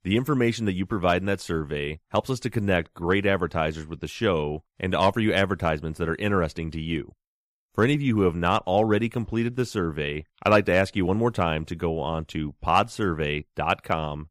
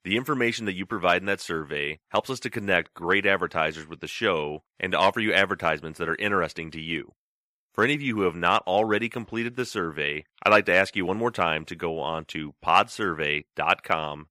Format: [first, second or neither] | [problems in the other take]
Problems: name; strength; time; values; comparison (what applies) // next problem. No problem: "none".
first | thin; very slightly; fading below 350 Hz